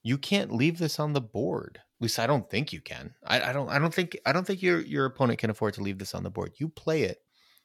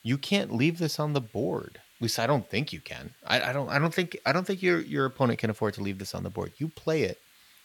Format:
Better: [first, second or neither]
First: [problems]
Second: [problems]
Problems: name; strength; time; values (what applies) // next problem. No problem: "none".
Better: first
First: none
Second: hiss; faint; throughout; 30 dB below the speech